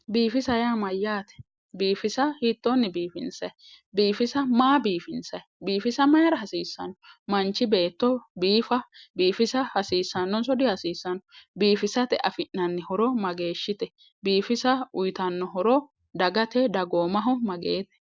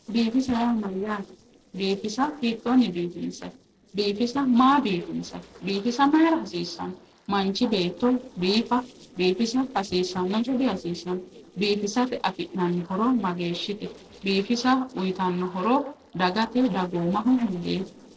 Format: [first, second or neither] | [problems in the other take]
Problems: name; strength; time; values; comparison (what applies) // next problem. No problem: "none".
first | noise reduction (neural separator model SepFormer DNS4)